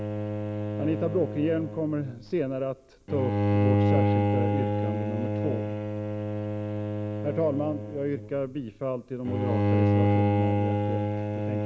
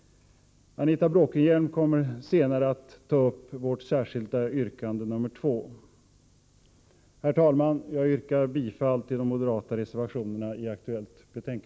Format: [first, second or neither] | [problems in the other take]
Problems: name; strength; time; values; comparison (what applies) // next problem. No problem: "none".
second | background sound (Bowed string instrument); 5 dB above the speech